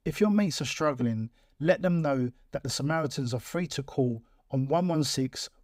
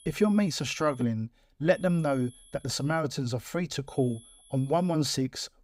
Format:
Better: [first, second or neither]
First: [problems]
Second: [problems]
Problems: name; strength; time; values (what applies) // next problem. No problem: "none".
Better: first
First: none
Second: high-pitched whine; faint; until 1 s, from 1.5 to 3 s and from 4 to 5 s; 11 kHz, 25 dB below the speech